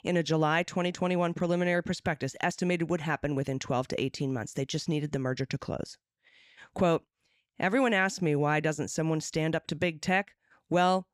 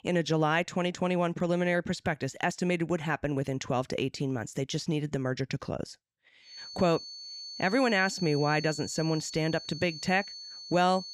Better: first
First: none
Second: high-pitched whine; noticeable; from 6.5 s on; 4.5 kHz, 10 dB below the speech

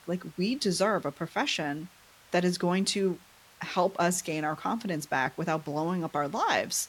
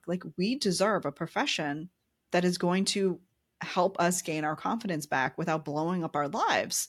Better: second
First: hiss; faint; throughout; 25 dB below the speech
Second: none

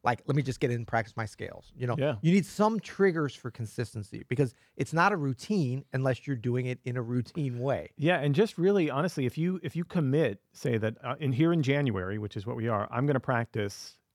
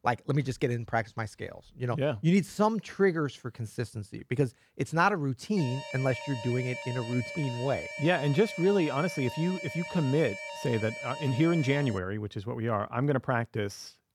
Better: first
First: none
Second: alarm; noticeable; from 5.5 to 12 s; peak 8 dB below the speech

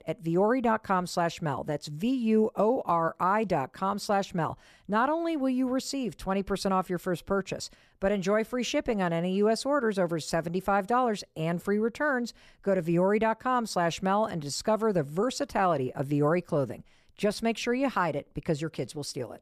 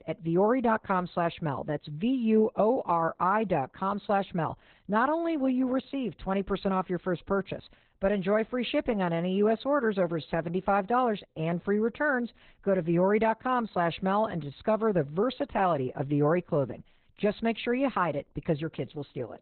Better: first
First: none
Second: garbled, watery; badly; nothing above 4 kHz

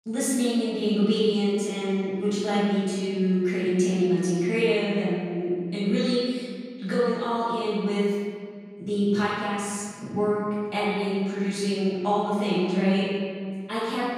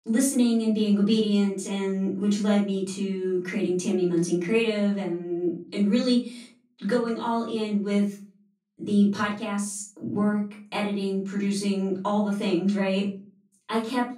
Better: second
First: room echo; strong; dies away in 2.1 s // off-mic speech; far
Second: room echo; slight; dies away in 0.4 s // off-mic speech; far

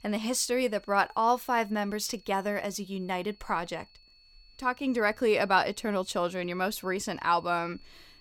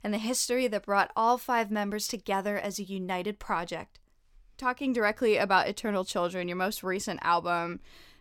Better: second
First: high-pitched whine; faint; throughout; 4.5 kHz, 30 dB below the speech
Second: none

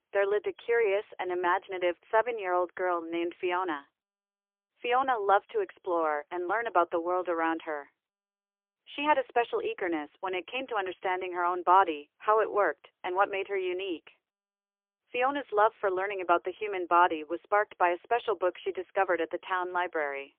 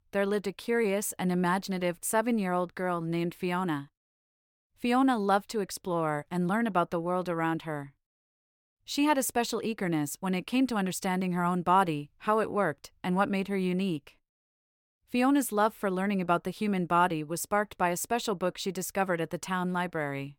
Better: second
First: phone-call audio; poor line; nothing above 3 kHz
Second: none

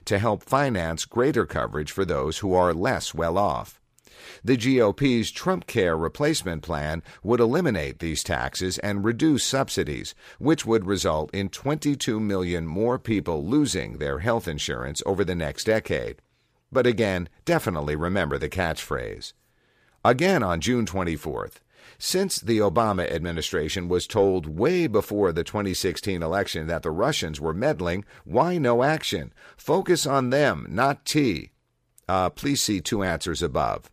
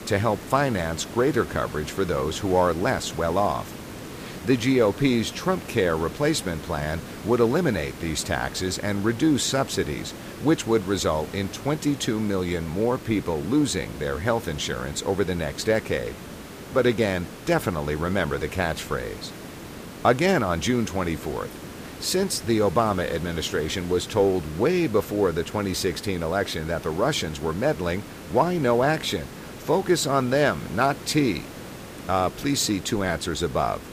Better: first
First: none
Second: hiss; noticeable; throughout; 15 dB below the speech

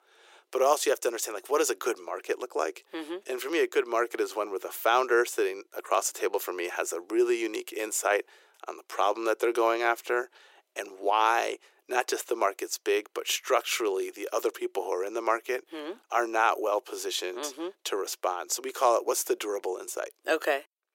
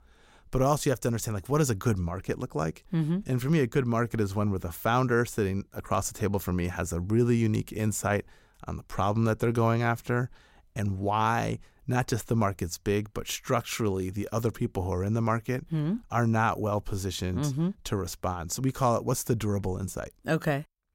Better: second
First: thin; very; fading below 350 Hz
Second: none

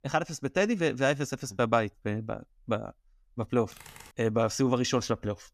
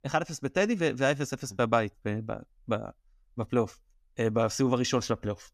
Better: second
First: keyboard typing; faint; at 3.5 s; peak 20 dB below the speech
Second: none

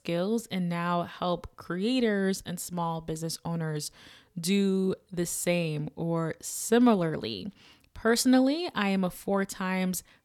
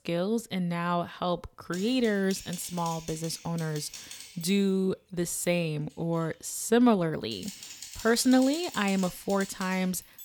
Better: first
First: none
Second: keyboard typing; faint; from 1.5 s on; peak 10 dB below the speech

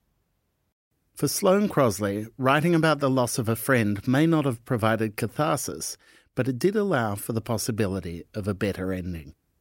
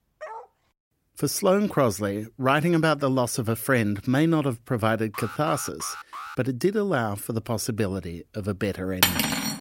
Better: first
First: none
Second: dog barking; faint; at the start; peak 15 dB below the speech // alarm; faint; from 5 to 6.5 s; peak 10 dB below the speech // clattering dishes; loud; at 9 s; peak 4 dB above the speech

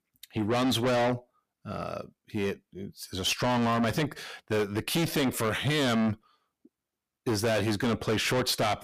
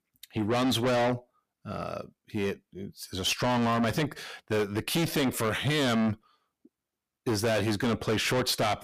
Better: neither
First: distortion; heavy; 6 dB below the speech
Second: distortion; heavy; 6 dB below the speech

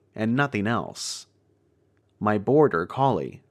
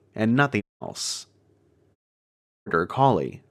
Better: first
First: none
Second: audio cutting out; at 0.5 s and at 2 s for 0.5 s

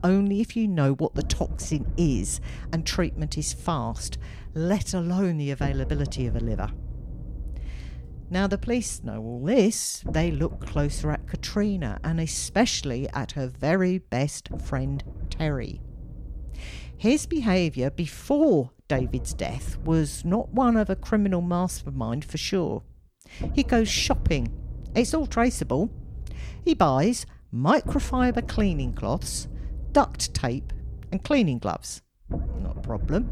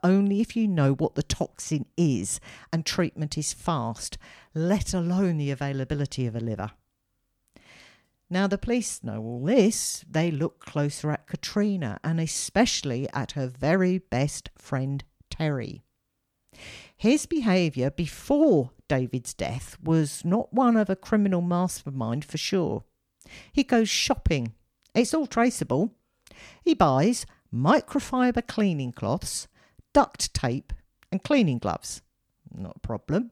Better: second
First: low rumble; faint; throughout; 20 dB below the speech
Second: none

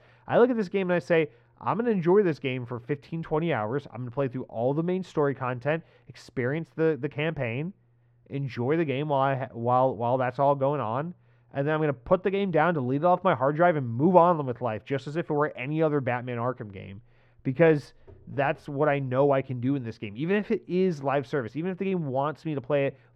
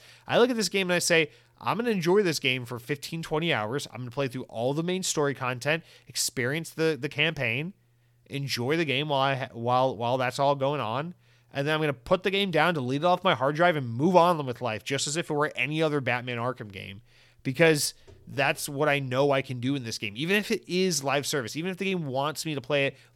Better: second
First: muffled; very; fading above 3.5 kHz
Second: none

